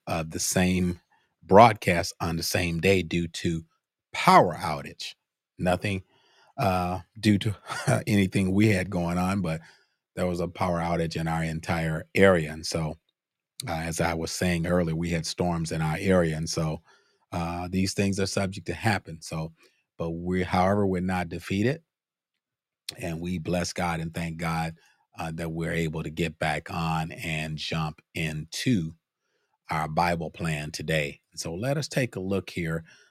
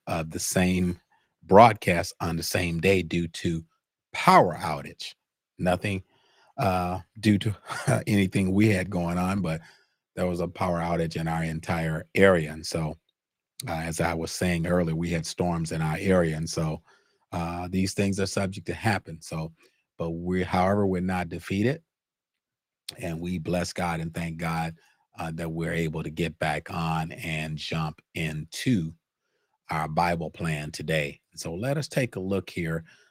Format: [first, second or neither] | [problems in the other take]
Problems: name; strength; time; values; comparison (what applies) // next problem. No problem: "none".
first | garbled, watery; slightly; nothing above 16 kHz